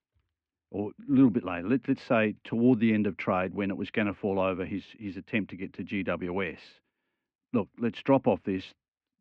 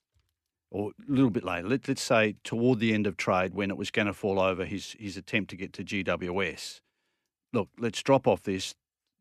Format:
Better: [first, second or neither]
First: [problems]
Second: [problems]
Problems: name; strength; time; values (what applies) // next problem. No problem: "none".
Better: second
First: muffled; very; fading above 2.5 kHz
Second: none